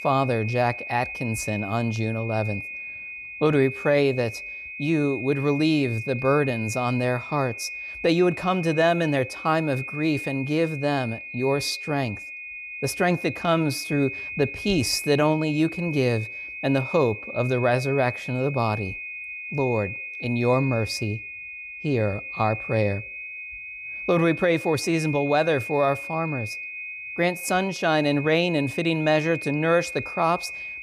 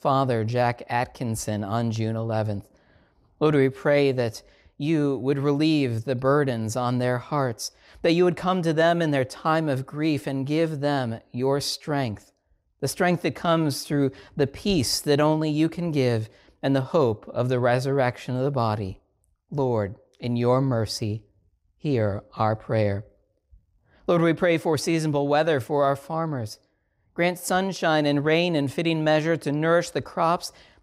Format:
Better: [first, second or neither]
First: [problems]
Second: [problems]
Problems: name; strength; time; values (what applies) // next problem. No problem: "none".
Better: second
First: high-pitched whine; loud; throughout; 2.5 kHz, 8 dB below the speech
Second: none